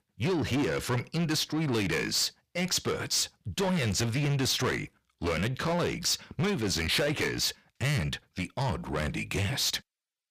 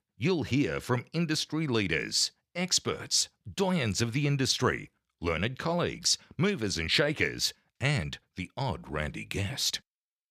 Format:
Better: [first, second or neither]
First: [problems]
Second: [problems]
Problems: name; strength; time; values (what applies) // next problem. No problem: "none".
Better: second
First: distortion; heavy; 7 dB below the speech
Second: none